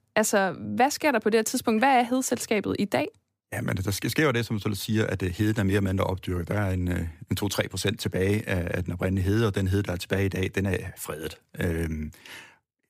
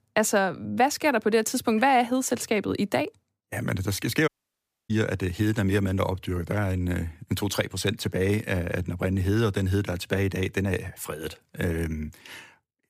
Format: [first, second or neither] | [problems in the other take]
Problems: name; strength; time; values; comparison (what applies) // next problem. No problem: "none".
first | audio cutting out; at 4.5 s for 0.5 s